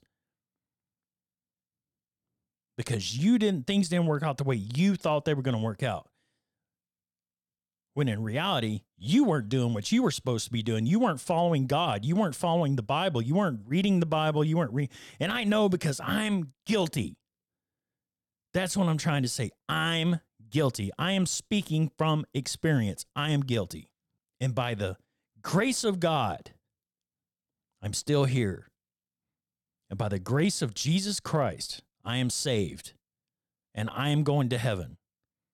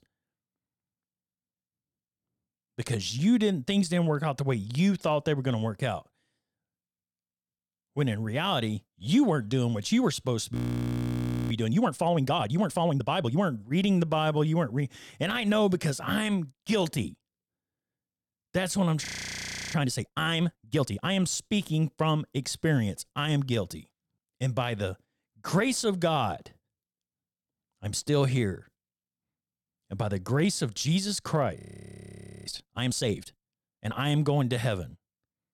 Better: first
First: none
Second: audio freezing; at 11 s for 1 s, at 19 s for 0.5 s and at 32 s for 1 s

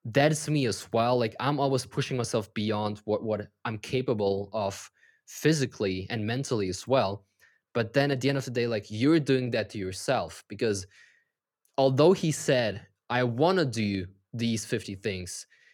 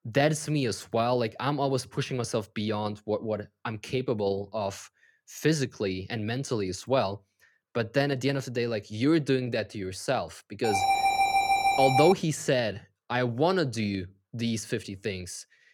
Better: first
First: none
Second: alarm; loud; from 11 to 12 s; peak 5 dB above the speech

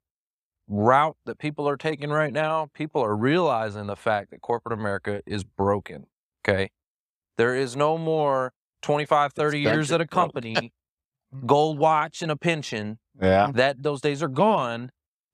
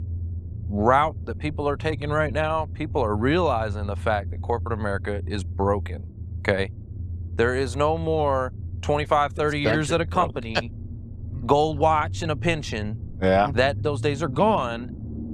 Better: first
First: none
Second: low rumble; faint; throughout; 25 dB below the speech

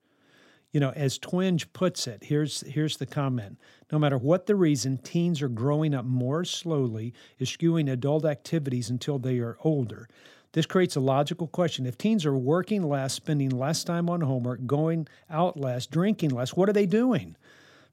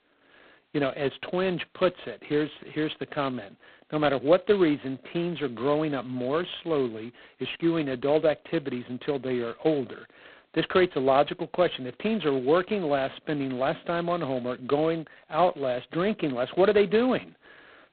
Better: first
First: none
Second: phone-call audio; poor line; nothing above 4 kHz

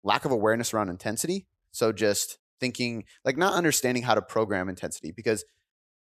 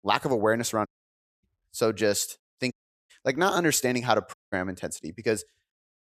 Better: first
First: none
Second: audio cutting out; at 1 s for 0.5 s, at 2.5 s and at 4.5 s

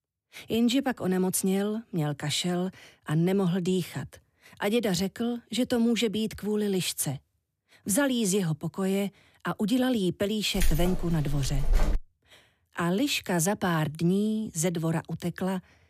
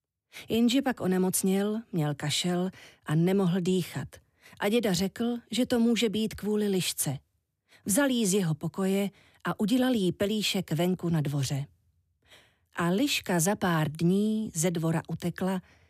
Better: second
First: jangling keys; noticeable; from 11 to 12 s; peak 2 dB below the speech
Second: none

